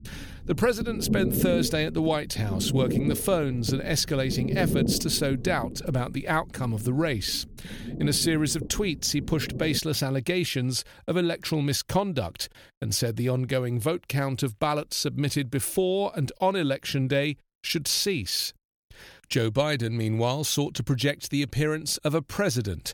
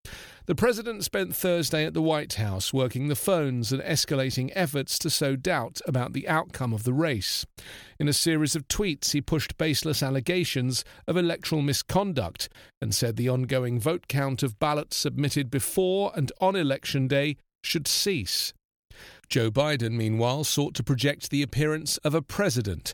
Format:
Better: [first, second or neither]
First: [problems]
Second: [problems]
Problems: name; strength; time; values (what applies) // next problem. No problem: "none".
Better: second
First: low rumble; loud; until 10 s; 9 dB below the speech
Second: none